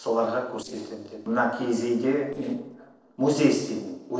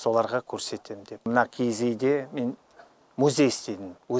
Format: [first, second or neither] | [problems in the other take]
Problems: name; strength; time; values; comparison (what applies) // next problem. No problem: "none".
second | noise reduction (neural separator model SepFormer DNS4)